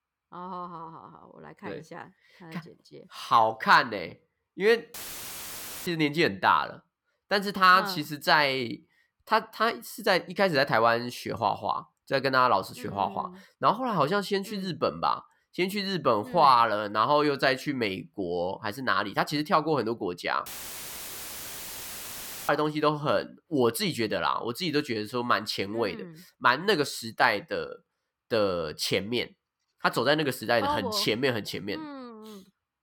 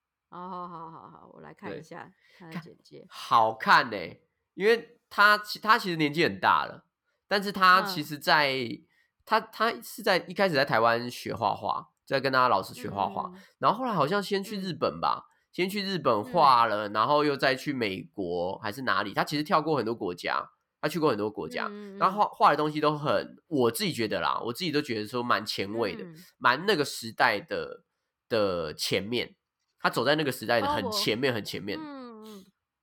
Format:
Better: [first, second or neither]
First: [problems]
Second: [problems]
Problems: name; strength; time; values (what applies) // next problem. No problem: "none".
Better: second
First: audio cutting out; filled with static; at 5 s for 1 s and at 20 s for 2 s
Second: none